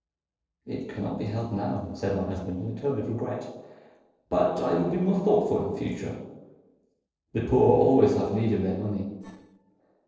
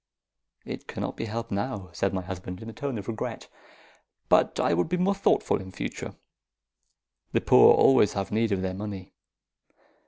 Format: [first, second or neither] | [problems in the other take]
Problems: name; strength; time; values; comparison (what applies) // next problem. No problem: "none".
second | noise reduction (neural separator model SepFormer DNS4)